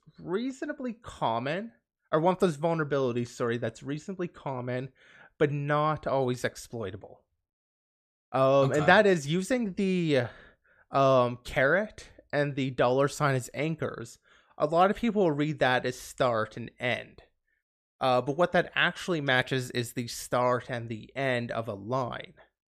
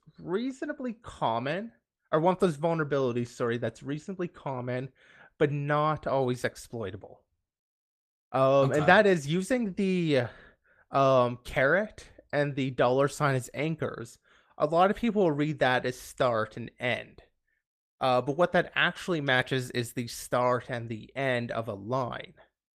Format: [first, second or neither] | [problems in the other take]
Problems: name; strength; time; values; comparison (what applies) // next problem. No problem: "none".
first | garbled, watery; slightly; nothing above 14.5 kHz